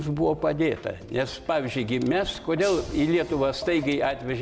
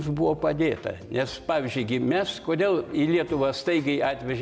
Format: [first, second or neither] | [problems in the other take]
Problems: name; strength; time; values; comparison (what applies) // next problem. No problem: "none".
second | background sound (Tap + Shatter); 17 dB below the speech